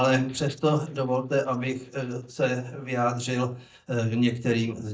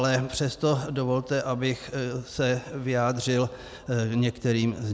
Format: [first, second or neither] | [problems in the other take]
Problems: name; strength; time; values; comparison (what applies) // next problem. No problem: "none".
second | noise reduction (neural mask model DeepFilterNet 3)